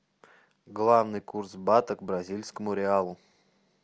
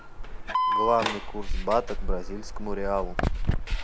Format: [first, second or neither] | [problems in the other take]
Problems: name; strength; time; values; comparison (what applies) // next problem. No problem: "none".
first | background sound (Alarm); 3 dB above the speech